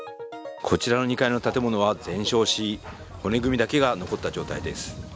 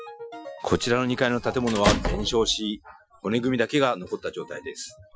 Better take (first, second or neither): first